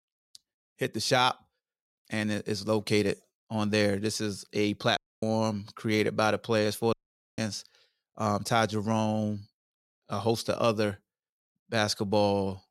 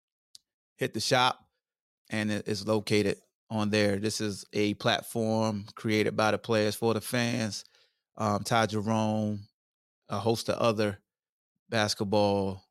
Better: second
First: audio cutting out; at 5 s and at 7 s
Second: none

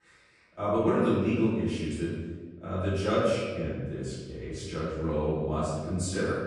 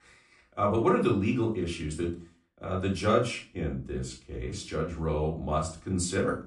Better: second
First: room echo; strong; dies away in 1.3 s // off-mic speech; far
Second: room echo; slight; dies away in 0.3 s // off-mic speech; far

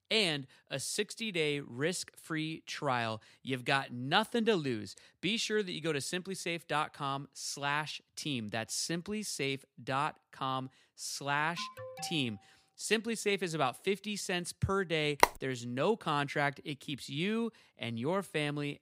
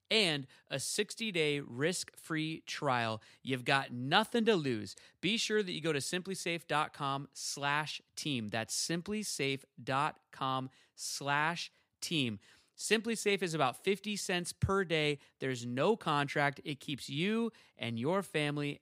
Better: second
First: alarm; faint; at 12 s; peak 10 dB below the speech // phone ringing; very faint; at 15 s; peak 5 dB above the speech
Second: none

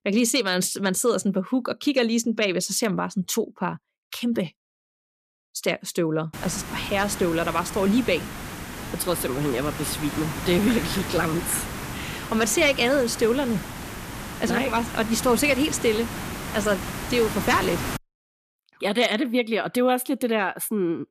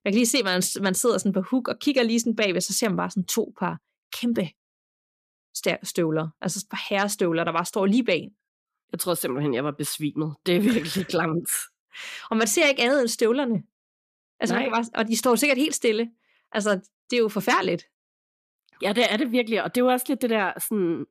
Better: second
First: hiss; loud; from 6.5 to 18 s; 9 dB below the speech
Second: none

